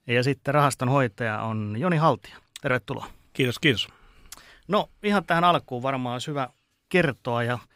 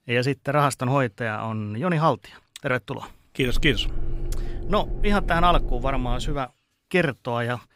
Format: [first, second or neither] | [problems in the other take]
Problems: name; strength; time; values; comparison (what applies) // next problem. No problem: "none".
first | low rumble; noticeable; from 3.5 to 6.5 s; 20 dB below the speech